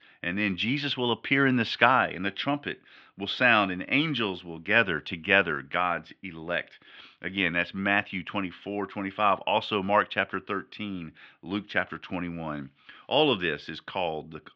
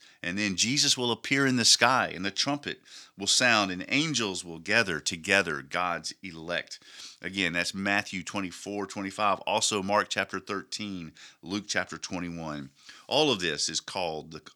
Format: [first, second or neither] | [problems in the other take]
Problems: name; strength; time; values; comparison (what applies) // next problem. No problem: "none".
second | muffled; very; fading above 3 kHz